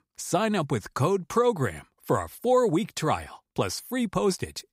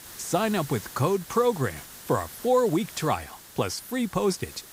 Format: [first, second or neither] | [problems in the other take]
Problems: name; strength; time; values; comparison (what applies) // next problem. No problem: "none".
first | hiss; noticeable; throughout; 15 dB below the speech